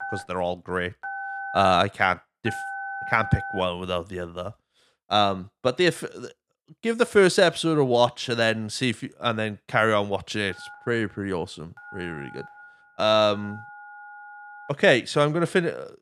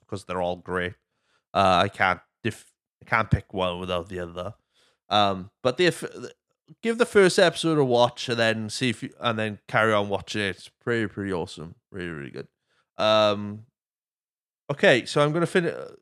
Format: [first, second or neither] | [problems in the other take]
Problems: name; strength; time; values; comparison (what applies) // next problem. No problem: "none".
second | phone ringing; noticeable; until 3.5 s; peak 8 dB below the speech // phone ringing; faint; from 11 to 15 s; peak 20 dB below the speech